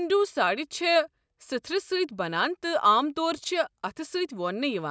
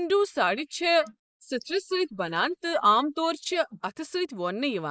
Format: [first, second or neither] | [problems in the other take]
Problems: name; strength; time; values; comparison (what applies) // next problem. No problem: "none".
first | noise reduction (neural mask model Resemble Enhance denoiser)